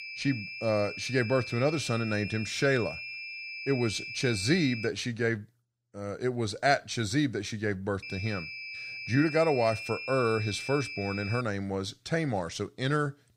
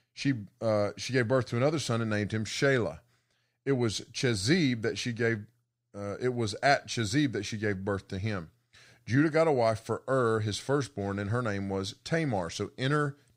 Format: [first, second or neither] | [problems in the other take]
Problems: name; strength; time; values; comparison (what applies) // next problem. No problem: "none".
second | high-pitched whine; loud; until 5 s and from 8 to 11 s; 2.5 kHz, 8 dB below the speech